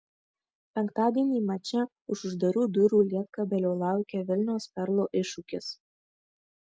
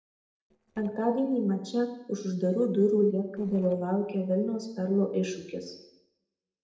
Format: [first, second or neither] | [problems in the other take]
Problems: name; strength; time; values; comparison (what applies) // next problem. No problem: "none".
first | noise reduction (neural separator model SepFormer DNS4)